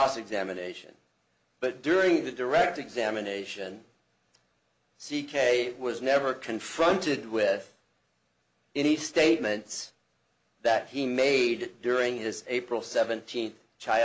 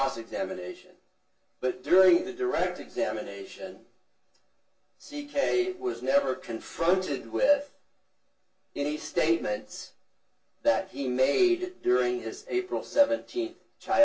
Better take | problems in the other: first | room echo; dies away in 0.1 s

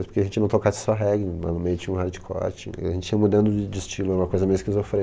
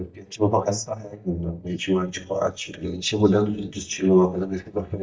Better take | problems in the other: first | noise reduction (neural mask model DeepFilterNet 3)

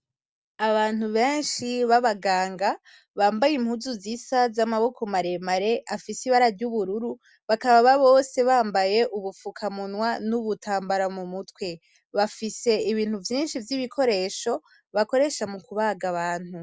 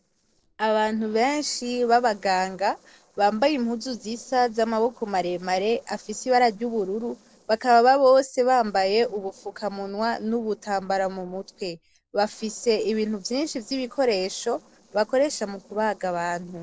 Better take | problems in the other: first | noise reduction (neural separator model SepFormer DNS4)

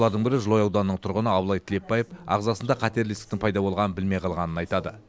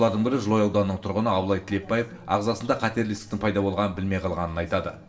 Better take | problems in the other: first | room echo; dies away in 0.7 s

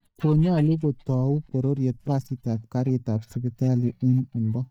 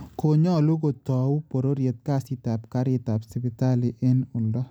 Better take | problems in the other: second | noise reduction (neural mask model DeepFilterNet 3)

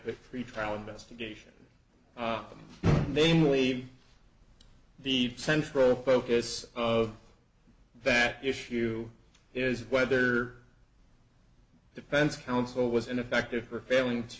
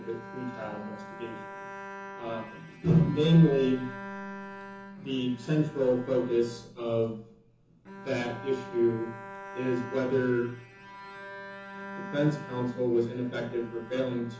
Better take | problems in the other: first | background sound (Bowed string instrument); 14 dB below the speech // room echo; dies away in 0.6 s

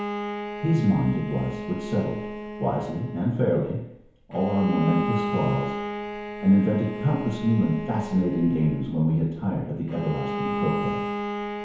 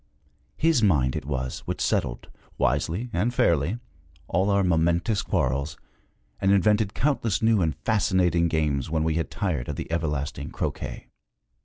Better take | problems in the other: second | background sound (Bowed string instrument); 7 dB below the speech // room echo; dies away in 1 s

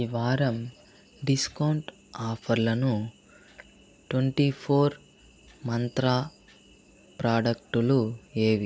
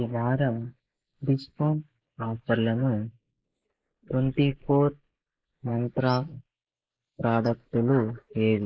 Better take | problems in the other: first | noise reduction (neural mask model Resemble Enhance denoiser)

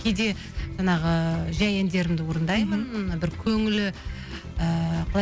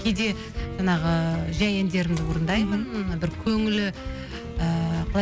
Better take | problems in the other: first | background sound (Door + Wind instrument, woodwind instrument); 14 dB below the speech

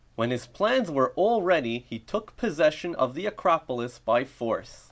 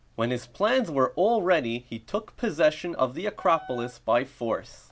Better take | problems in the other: first | background sound (Wind instrument, woodwind instrument); 19 dB below the speech

